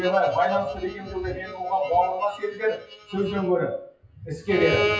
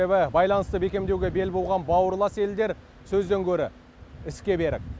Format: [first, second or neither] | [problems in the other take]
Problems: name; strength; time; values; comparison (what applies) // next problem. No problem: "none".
second | noise reduction (classical method WPE with log-MMSE)